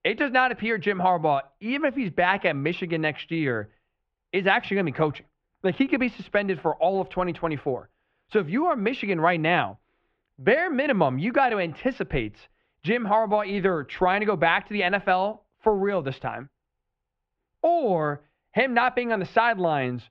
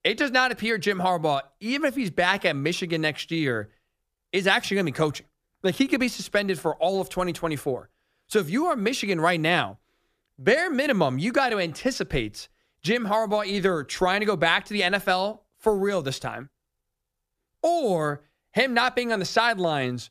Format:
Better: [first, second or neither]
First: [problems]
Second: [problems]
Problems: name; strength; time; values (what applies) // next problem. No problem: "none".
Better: second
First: muffled; very; fading above 3 kHz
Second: none